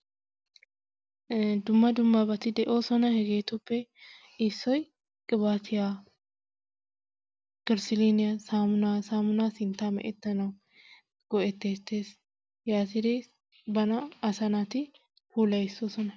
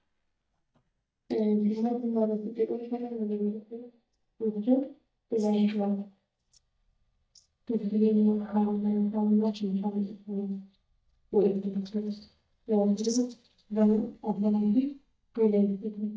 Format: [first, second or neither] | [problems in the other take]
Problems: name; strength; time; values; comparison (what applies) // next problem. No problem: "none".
first | noise reduction (neural mask model DeepFilterNet 3)